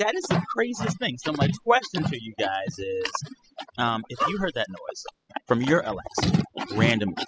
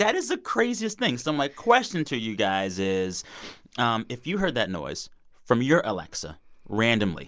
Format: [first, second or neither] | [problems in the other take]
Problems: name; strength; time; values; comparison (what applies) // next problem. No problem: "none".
second | noise reduction (classical method spectral subtraction)